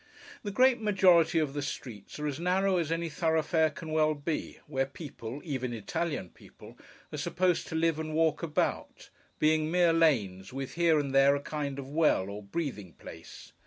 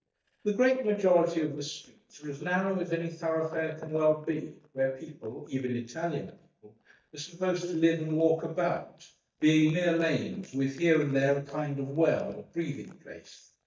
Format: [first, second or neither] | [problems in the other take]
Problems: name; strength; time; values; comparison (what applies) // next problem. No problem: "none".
first | noise reduction (neural mask model DeepFilterNet 3)